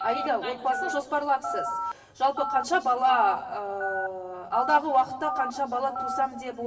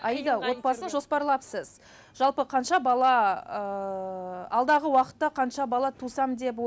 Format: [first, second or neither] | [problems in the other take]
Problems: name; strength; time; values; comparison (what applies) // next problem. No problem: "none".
second | background sound (Telephone); 7 dB below the speech // room echo; dies away in 1.4 s